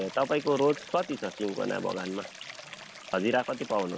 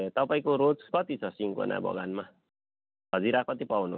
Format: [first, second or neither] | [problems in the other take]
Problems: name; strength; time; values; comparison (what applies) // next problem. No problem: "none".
second | background sound (Stream); 15 dB below the speech